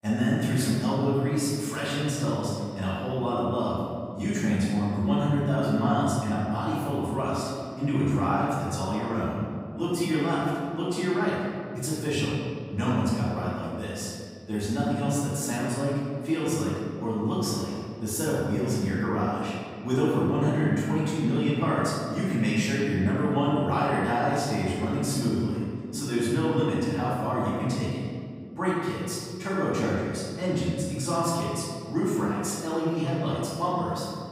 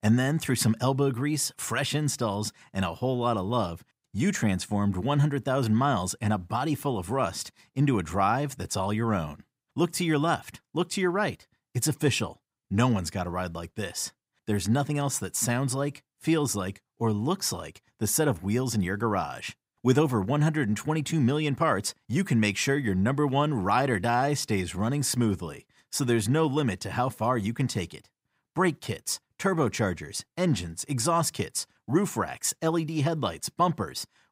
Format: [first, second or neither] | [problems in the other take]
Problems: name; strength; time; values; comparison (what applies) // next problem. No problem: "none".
second | off-mic speech; far // room echo; strong; dies away in 2.1 s